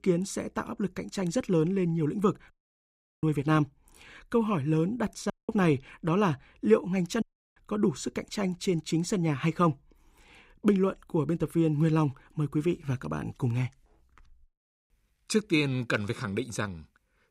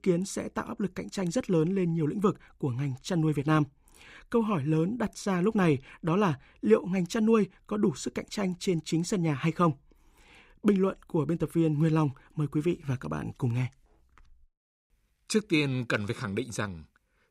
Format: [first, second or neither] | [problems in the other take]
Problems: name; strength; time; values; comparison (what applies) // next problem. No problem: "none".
second | audio cutting out; at 2.5 s for 0.5 s, at 5.5 s and at 7 s